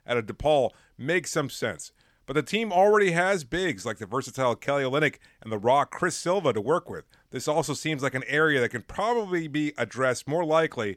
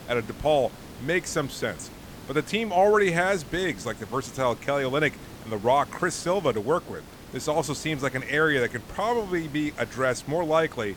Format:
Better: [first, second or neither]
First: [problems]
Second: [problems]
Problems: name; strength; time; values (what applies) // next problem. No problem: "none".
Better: first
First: none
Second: hiss; noticeable; throughout; 20 dB below the speech